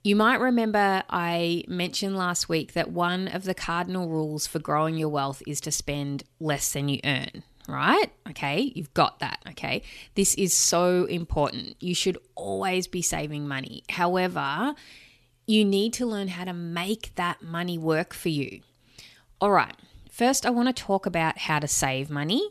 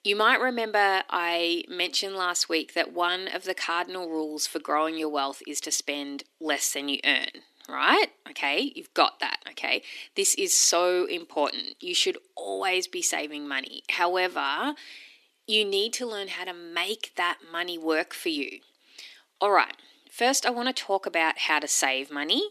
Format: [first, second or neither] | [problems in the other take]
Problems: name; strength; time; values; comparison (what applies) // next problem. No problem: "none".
first | thin; somewhat; fading below 300 Hz